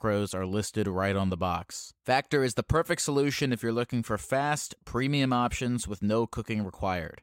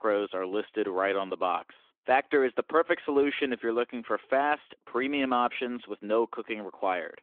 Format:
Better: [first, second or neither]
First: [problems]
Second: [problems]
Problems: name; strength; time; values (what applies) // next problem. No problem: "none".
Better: first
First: none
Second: phone-call audio; nothing above 3.5 kHz